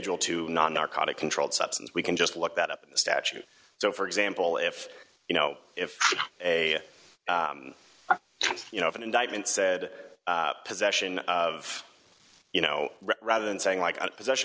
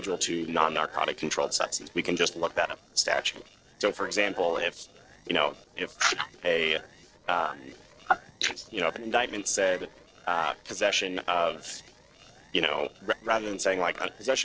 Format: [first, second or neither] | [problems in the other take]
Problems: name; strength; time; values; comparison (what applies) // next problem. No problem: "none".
first | noise reduction (neural separator model SepFormer DNS4)